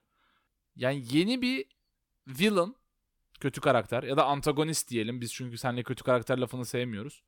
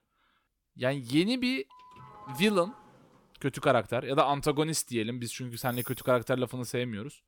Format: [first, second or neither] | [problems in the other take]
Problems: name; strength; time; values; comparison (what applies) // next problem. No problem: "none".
first | doorbell; faint; from 1.5 to 3 s; peak 15 dB below the speech // jangling keys; noticeable; at 5.5 s; peak 10 dB below the speech